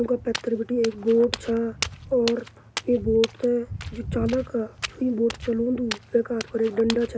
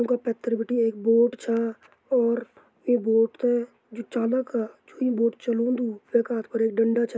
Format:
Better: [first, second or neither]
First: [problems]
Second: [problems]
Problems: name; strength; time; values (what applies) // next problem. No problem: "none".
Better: second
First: background sound (Walk, footsteps); 11 dB below the speech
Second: none